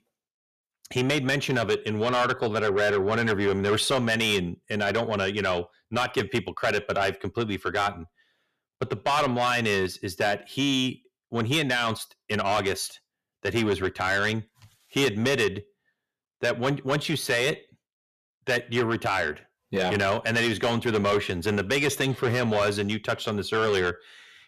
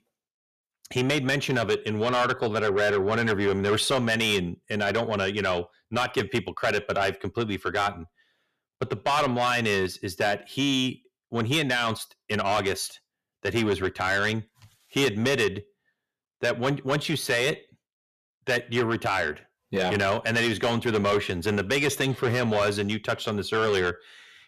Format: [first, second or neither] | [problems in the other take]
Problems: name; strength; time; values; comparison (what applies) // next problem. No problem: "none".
neither | distortion; heavy; 8 dB below the speech; the same in both